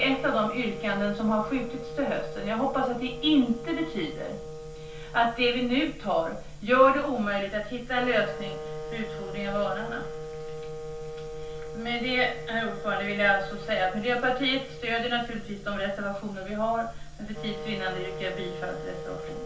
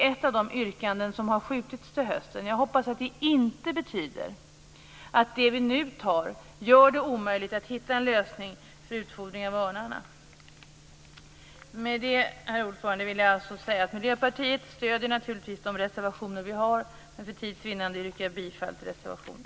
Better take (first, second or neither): second